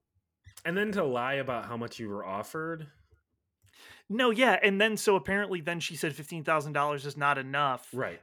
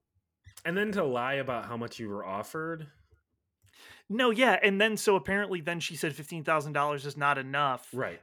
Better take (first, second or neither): neither